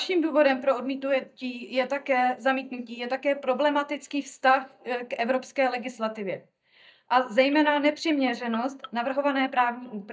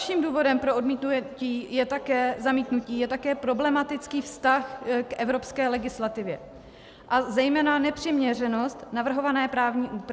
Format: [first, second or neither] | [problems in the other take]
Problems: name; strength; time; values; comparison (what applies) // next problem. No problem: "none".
second | noise reduction (neural mask model DeepFilterNet 3)